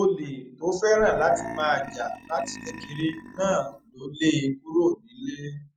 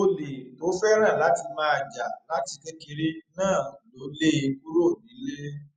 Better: second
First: background sound (Burping, eructation); 14 dB below the speech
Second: none

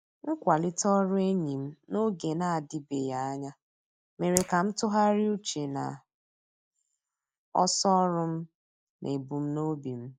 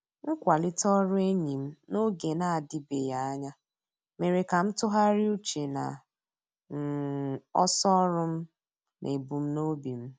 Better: second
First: noise reduction (neural mask model Resemble Enhance denoiser)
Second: none

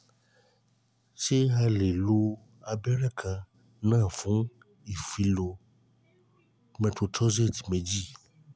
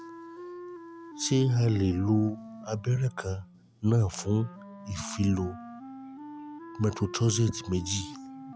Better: first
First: none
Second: background sound (Wind instrument, woodwind instrument); 15 dB below the speech

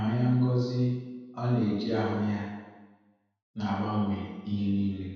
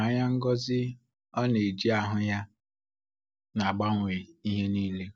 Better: second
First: room echo; dies away in 1.2 s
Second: none

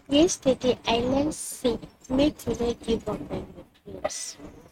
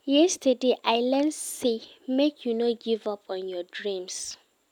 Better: second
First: noise reduction (neural mask model RNNoise)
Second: none

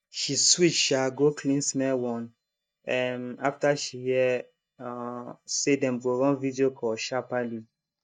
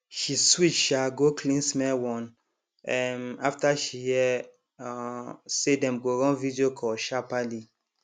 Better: second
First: noise reduction (neural mask model DeepFilterNet 3)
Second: none

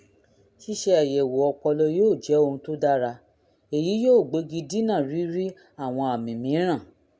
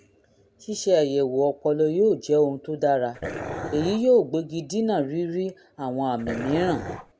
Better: first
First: none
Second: background sound (Dog); 8 dB below the speech

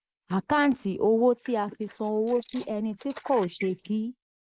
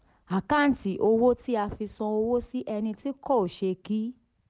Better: second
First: noise reduction (neural mask model Resemble Enhance denoiser)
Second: none

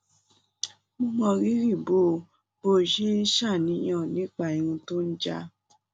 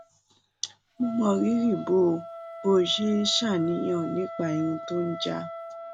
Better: first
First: none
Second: background sound (Wind instrument, woodwind instrument); 12 dB below the speech

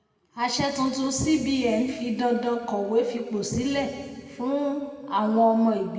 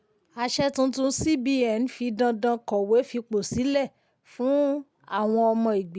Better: second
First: room echo; dies away in 2.1 s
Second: none

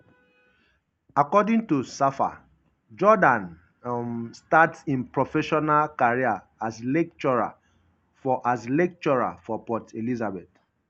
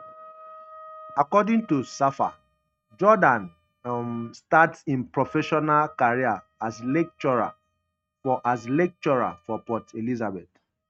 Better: first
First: none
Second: noise reduction (neural mask model RNNoise)

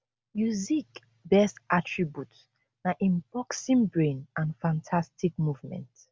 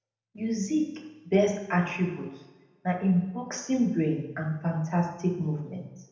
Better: first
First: none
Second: room echo; dies away in 0.8 s

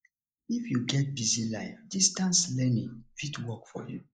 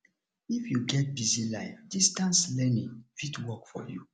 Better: second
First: noise reduction (neural mask model Resemble Enhance denoiser)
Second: none

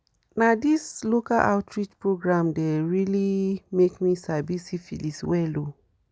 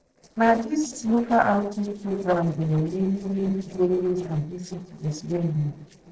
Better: first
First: none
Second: noise reduction (neural separator model SepFormer DNS4)

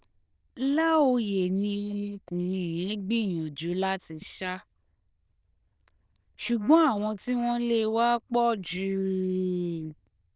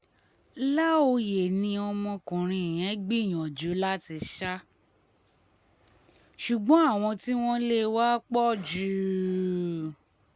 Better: second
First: noise reduction (neural diffusion model UNIVERSE++)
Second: none

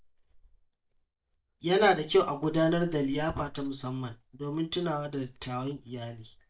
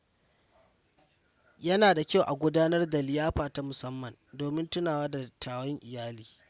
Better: second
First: noise reduction (neural mask model DeepFilterNet 3)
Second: none

